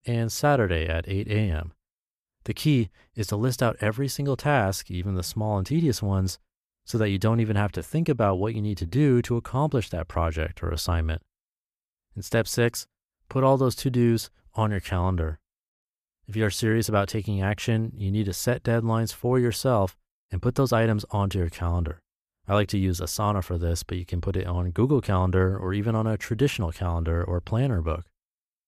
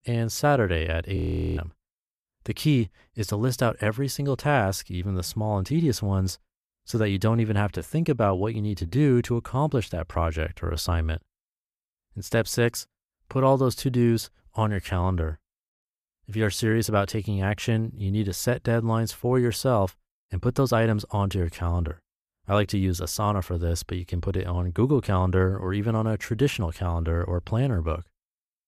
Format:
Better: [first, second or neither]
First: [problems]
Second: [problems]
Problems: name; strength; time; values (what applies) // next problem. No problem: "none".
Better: first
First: none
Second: audio freezing; at 1 s